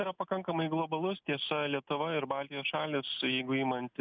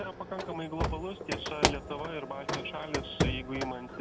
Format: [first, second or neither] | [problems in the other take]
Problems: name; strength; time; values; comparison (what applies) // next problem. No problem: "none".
first | background sound (Explosion + Printer); 4 dB above the speech